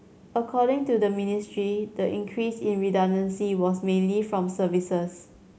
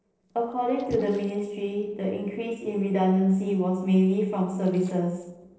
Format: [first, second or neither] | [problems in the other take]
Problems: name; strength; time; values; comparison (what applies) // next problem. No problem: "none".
first | noise reduction (neural separator model SepFormer DNS4)